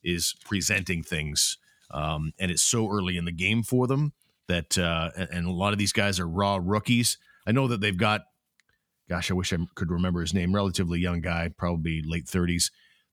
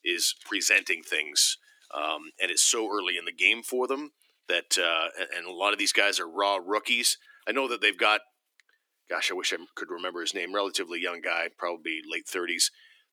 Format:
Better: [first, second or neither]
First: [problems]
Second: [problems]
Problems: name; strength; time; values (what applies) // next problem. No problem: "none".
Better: first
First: none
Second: thin; very; fading below 300 Hz